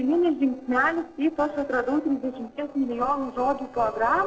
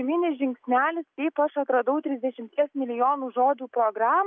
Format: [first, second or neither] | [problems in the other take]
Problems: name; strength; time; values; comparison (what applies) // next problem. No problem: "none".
second | noise reduction (neural separator model SepFormer DNS4)